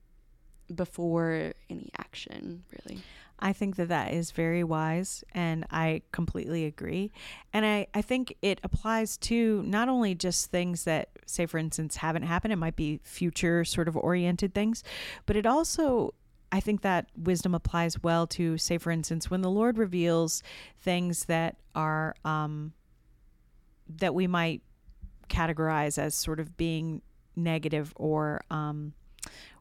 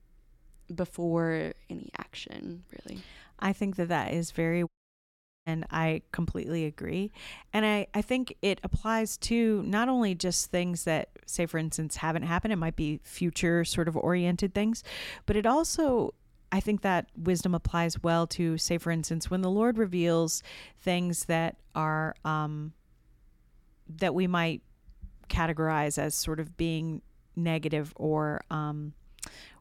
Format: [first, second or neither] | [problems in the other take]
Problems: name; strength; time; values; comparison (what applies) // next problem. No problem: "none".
first | audio cutting out; at 4.5 s for 1 s